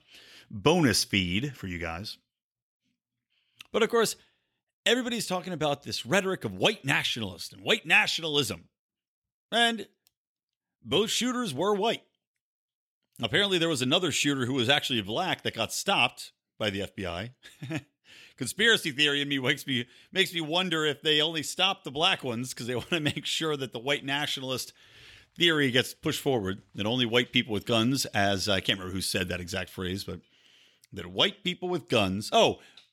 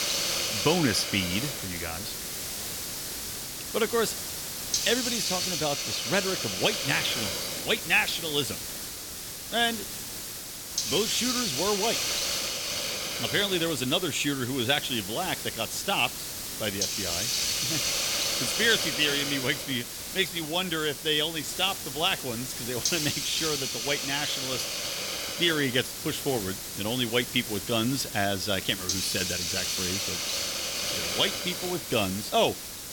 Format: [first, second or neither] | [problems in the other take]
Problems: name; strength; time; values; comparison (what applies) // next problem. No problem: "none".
first | hiss; loud; throughout; 1 dB below the speech